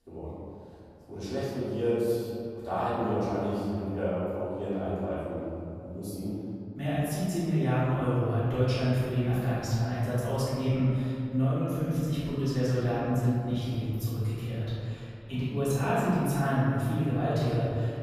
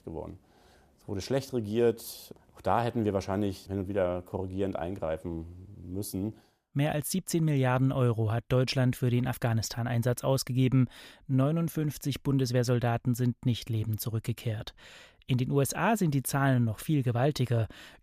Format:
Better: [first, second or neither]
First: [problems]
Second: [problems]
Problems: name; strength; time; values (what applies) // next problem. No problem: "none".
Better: second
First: off-mic speech; far // room echo; strong; dies away in 2.5 s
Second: none